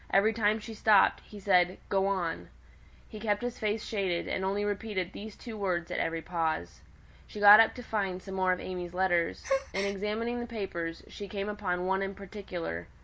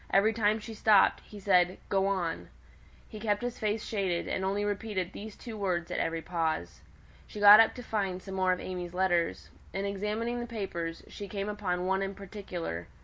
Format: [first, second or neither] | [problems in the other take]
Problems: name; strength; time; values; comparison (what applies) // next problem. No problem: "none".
second | background sound (Gasp); 8 dB below the speech